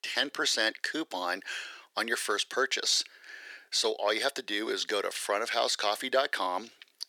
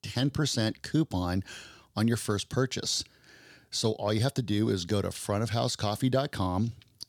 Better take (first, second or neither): second